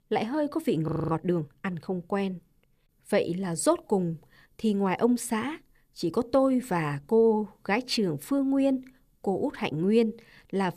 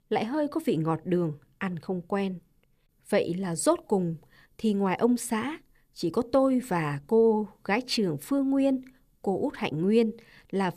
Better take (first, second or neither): second